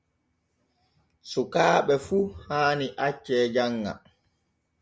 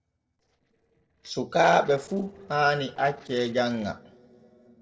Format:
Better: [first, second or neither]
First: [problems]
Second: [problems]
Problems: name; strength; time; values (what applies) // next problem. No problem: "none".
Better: first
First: none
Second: noise reduction (neural separator model SepFormer DNS4)